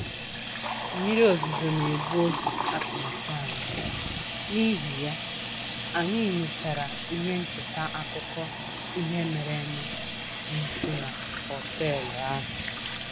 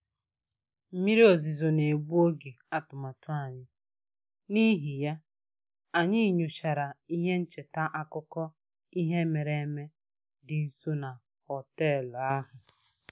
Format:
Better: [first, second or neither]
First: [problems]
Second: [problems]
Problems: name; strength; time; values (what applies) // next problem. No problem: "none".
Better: second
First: background sound (Sink (filling or washing) / Water tap, faucet); 3 dB below the speech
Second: none